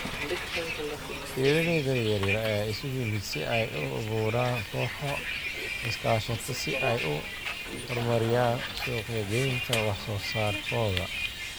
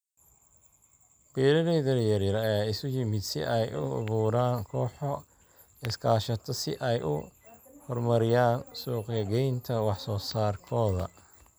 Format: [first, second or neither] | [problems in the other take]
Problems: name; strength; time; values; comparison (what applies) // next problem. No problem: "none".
second | background sound (Bus); 4 dB below the speech